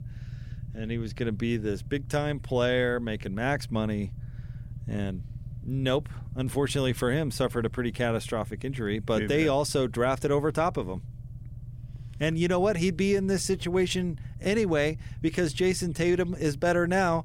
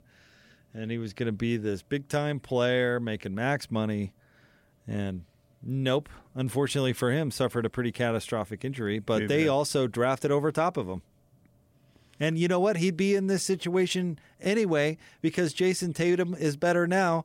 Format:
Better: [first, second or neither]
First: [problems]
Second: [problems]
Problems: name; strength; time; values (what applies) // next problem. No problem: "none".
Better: second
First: low rumble; faint; throughout; 25 dB below the speech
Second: none